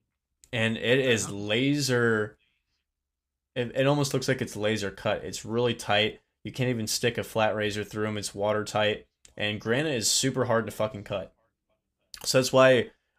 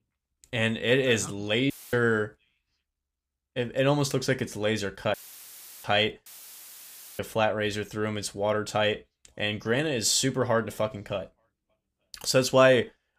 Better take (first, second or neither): first